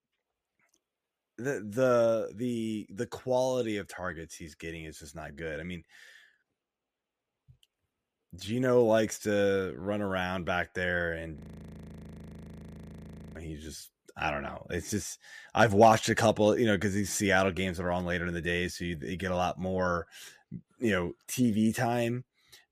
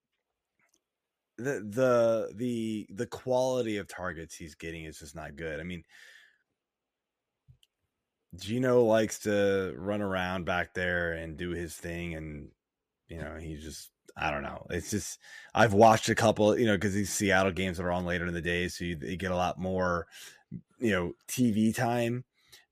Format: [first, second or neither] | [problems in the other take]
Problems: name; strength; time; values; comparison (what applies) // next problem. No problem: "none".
second | audio freezing; at 11 s for 2 s